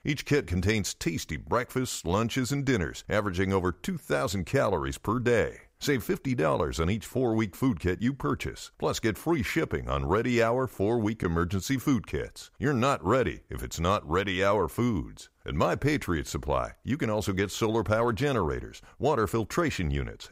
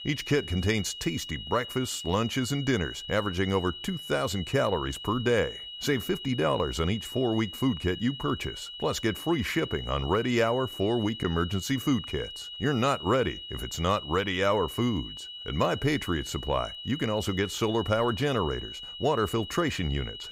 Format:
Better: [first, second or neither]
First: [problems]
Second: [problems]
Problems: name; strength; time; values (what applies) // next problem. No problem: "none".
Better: first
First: none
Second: high-pitched whine; loud; throughout; 3 kHz, 10 dB below the speech